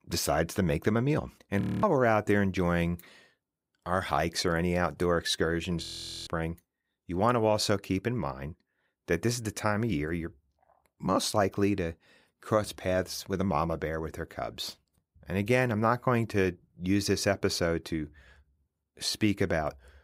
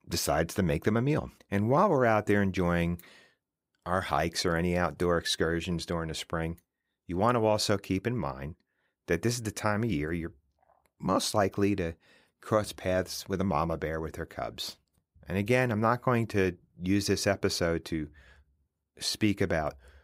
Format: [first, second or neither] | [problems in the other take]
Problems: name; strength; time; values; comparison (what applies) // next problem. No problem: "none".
second | audio freezing; at 1.5 s and at 6 s